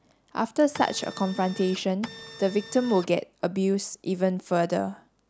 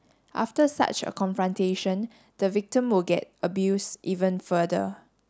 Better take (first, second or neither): second